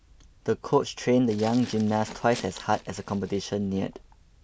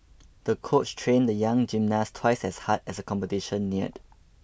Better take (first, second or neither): second